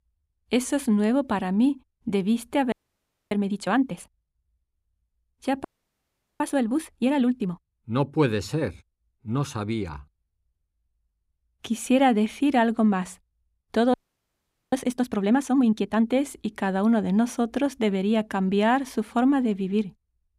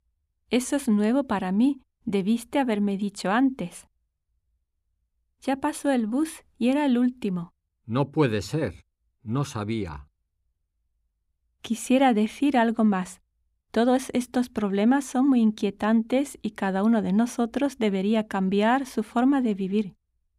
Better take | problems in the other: second | audio freezing; at 2.5 s for 0.5 s, at 5.5 s for 1 s and at 14 s for 1 s

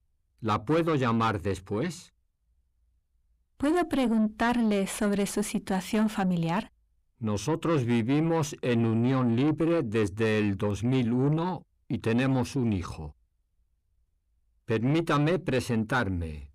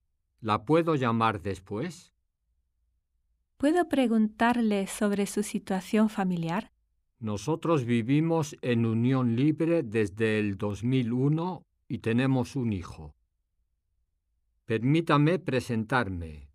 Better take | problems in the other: second | distortion; slight; 9 dB below the speech

